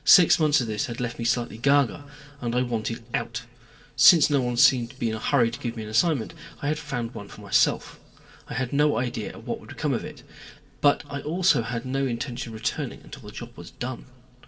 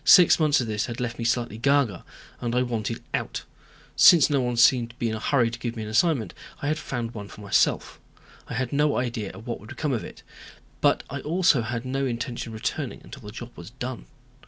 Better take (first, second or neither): second